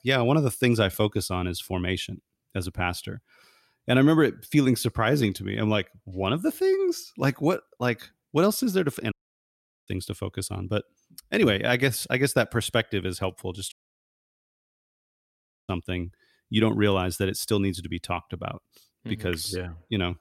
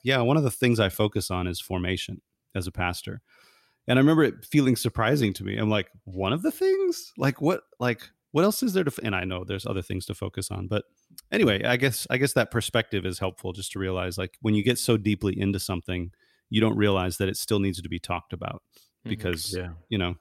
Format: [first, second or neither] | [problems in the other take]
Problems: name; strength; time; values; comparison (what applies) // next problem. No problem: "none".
second | audio cutting out; at 9 s for 1 s and at 14 s for 2 s